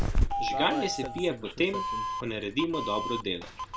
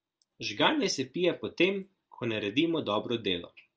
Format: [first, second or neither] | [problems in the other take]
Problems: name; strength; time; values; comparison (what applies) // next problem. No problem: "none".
second | background sound (Doorbell); 1 dB above the speech